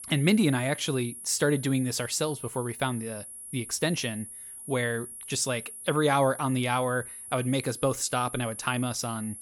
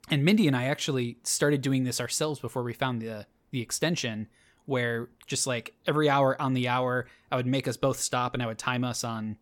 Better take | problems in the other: second | high-pitched whine; noticeable; throughout; 11 kHz, 10 dB below the speech

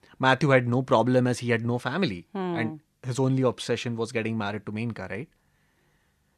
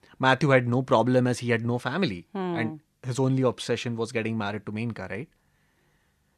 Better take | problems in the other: neither | none

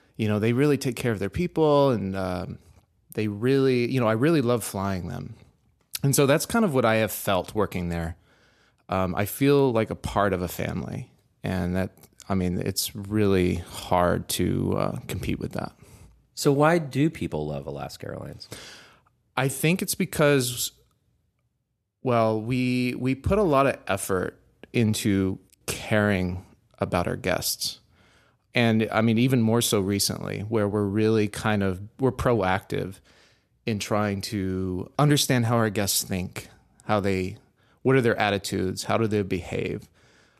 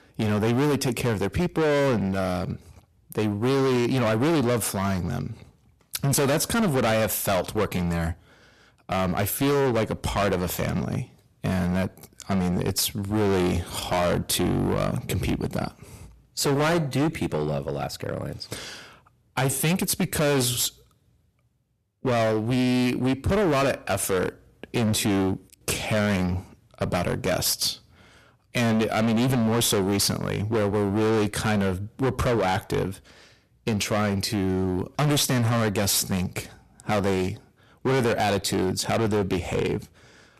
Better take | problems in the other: first | distortion; heavy; 19% of the sound clipped

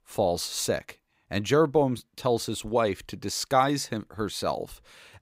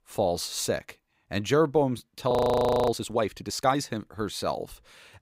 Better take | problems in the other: first | audio freezing; at 2.5 s for 0.5 s

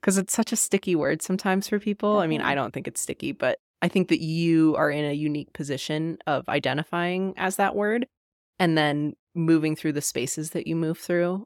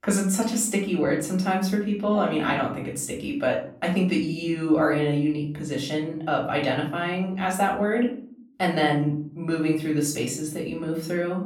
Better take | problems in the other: first | off-mic speech; far // room echo; slight; dies away in 0.5 s

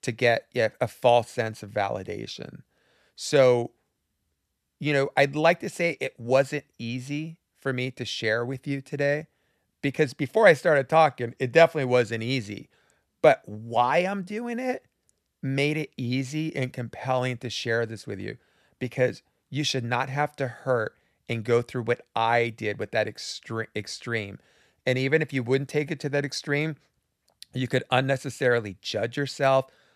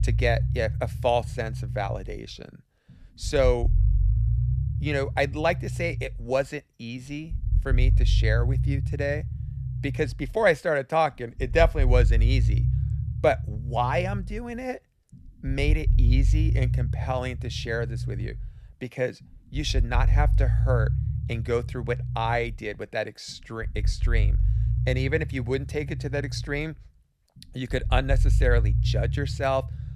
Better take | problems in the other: first | low rumble; noticeable; throughout; 15 dB below the speech

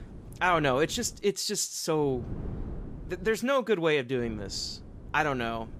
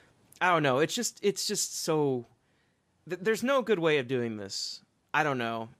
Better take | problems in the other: second | wind noise on the microphone; occasional gusts; until 1 s, from 2 to 3.5 s and from 4 s on; 25 dB below the speech

